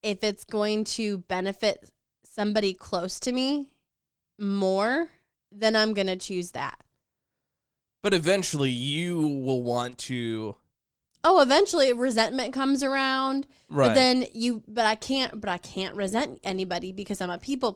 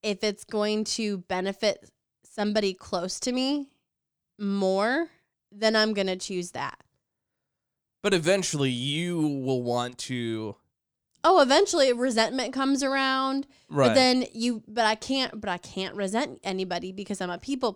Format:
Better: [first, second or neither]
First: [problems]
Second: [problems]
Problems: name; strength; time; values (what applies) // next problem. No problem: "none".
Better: second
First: garbled, watery; slightly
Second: none